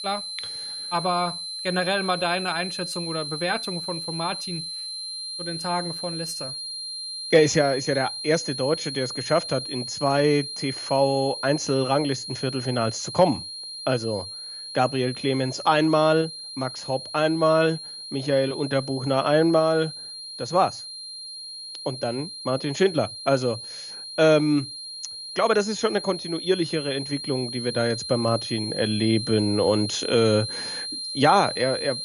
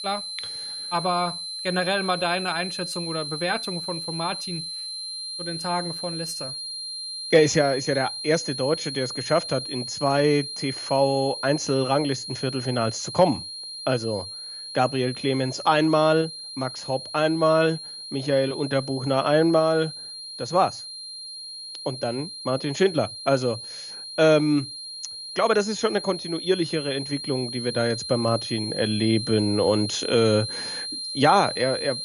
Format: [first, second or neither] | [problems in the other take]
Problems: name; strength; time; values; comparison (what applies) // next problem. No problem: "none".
neither | high-pitched whine; loud; throughout; 4 kHz, 7 dB below the speech; the same in both